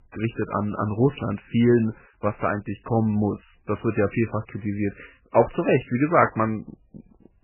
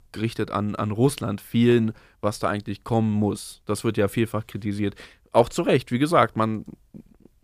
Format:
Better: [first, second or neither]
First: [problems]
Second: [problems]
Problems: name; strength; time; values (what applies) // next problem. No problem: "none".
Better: second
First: garbled, watery; badly; nothing above 3 kHz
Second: none